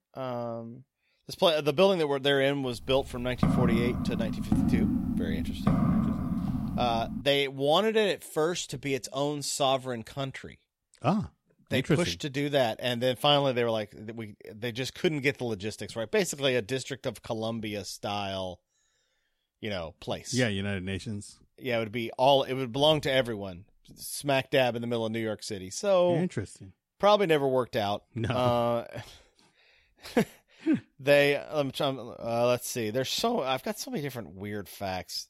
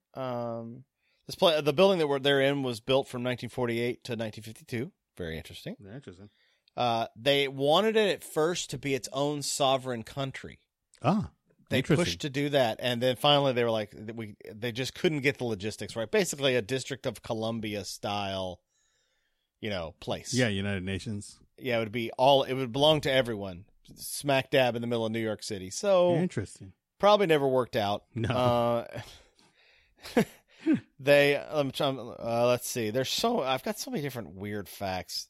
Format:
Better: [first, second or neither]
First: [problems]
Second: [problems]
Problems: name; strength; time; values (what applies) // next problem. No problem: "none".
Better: second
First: footsteps; loud; from 3 to 7 s; peak 3 dB above the speech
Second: none